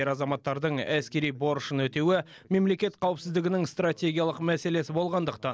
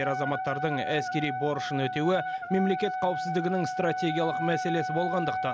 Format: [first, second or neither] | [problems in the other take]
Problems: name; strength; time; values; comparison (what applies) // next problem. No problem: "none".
first | background sound (Wind instrument, woodwind instrument); 3 dB below the speech